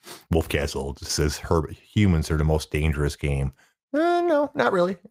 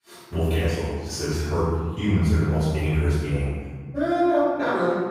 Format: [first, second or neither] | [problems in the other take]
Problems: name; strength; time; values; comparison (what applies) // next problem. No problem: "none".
first | room echo; strong; dies away in 1.5 s // off-mic speech; far